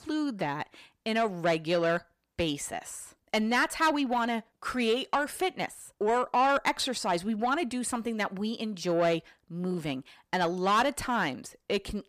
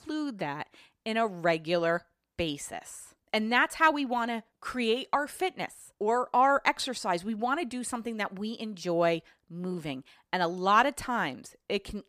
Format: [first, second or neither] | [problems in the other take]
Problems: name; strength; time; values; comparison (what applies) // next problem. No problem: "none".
second | distortion; slight; 10 dB below the speech